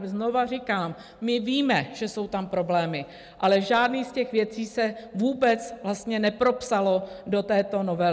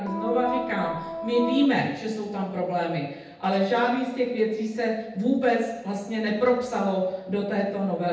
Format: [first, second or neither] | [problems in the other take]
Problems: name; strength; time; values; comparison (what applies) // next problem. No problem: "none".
first | background sound (Organ); 5 dB below the speech // room echo; dies away in 0.8 s